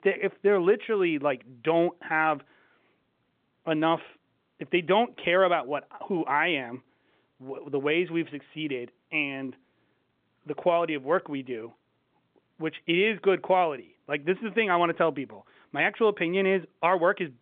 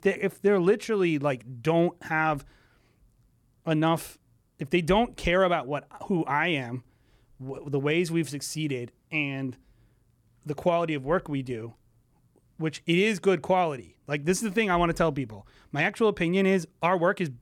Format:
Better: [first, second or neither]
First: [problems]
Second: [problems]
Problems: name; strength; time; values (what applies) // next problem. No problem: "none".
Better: second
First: phone-call audio; nothing above 3.5 kHz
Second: none